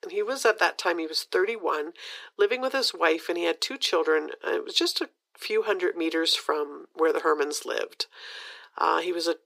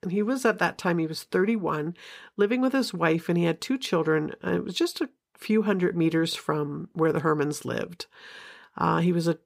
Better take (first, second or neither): second